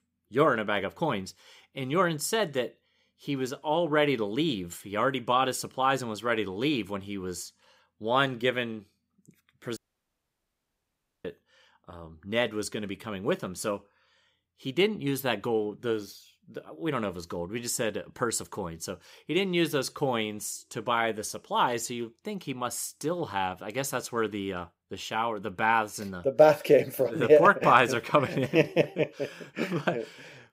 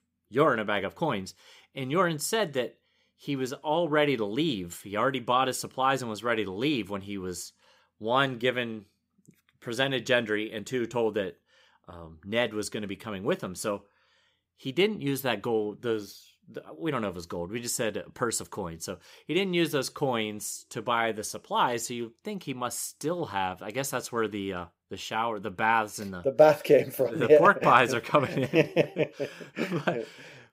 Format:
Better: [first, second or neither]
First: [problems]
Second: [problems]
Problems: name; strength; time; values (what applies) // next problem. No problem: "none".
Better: second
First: audio cutting out; at 10 s for 1.5 s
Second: none